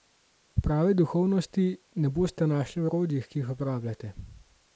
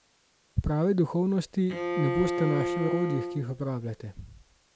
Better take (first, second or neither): first